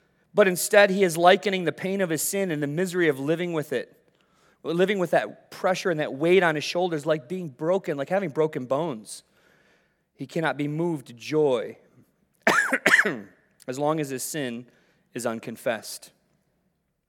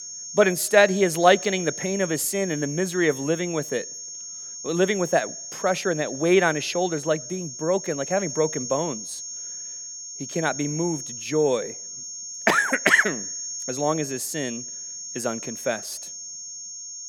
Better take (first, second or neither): first